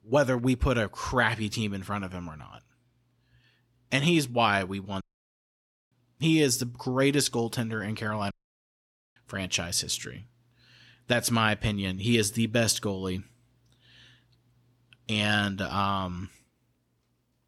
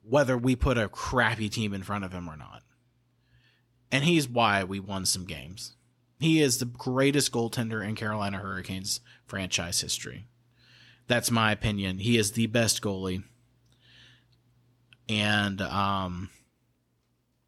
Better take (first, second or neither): second